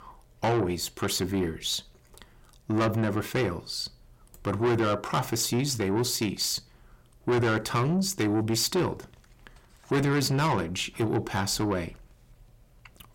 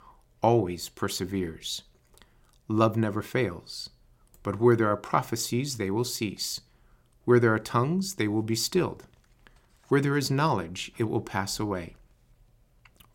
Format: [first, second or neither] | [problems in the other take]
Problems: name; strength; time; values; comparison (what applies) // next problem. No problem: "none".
second | distortion; heavy; 6 dB below the speech